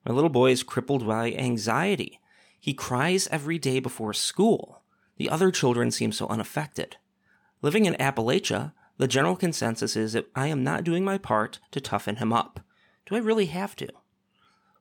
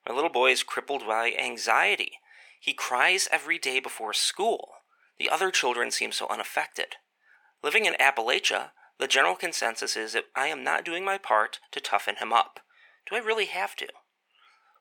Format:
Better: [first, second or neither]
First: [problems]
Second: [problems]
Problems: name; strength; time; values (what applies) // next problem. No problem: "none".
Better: first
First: none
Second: thin; very; fading below 500 Hz